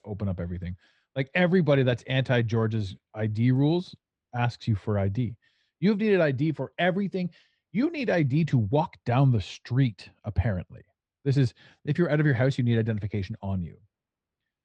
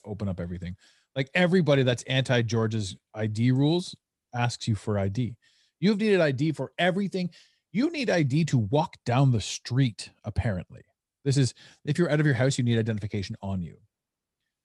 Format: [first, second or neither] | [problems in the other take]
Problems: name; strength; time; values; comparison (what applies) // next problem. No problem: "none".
second | muffled; slightly; fading above 3 kHz